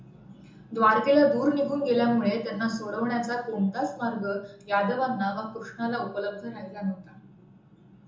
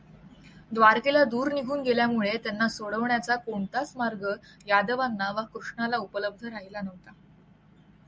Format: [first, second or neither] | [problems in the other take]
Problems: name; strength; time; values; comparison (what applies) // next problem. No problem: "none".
second | room echo; dies away in 0.6 s